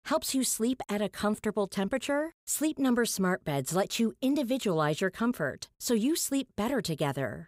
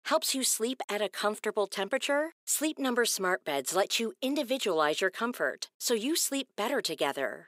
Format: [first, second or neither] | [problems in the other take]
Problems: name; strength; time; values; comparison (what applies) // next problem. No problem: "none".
first | thin; somewhat; fading below 350 Hz